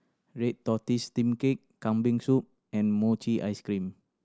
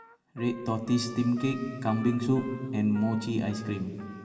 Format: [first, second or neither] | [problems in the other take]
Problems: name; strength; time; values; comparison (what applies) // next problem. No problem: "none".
first | background sound (Trumpet); 18 dB below the speech // room echo; dies away in 2.7 s